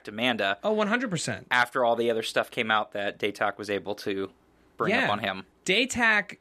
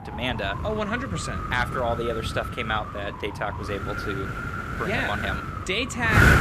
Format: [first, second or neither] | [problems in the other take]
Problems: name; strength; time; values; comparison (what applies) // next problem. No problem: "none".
first | wind noise on the microphone; heavy; 2 dB below the speech